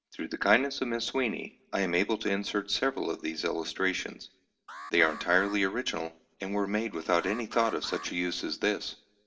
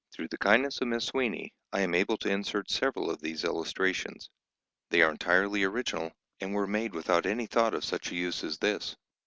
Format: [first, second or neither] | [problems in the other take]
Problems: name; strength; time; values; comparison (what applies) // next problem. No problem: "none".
second | background sound (Alarm); 16 dB below the speech // room echo; dies away in 0.5 s